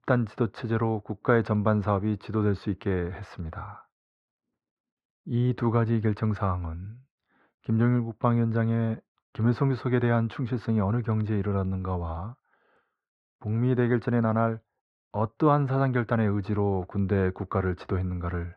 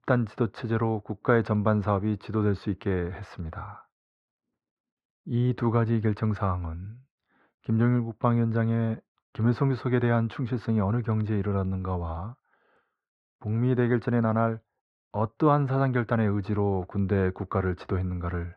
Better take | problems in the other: neither | muffled; very; fading above 1.5 kHz; the same in both

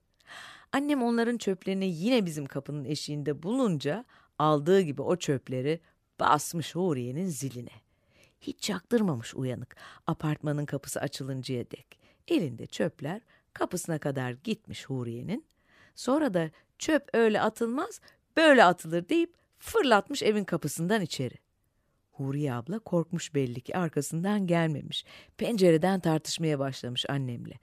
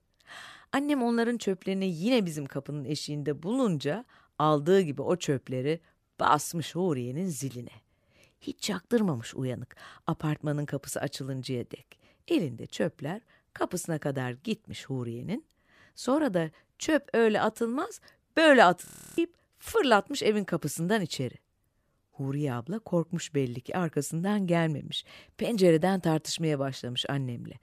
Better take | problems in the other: first | audio freezing; at 19 s

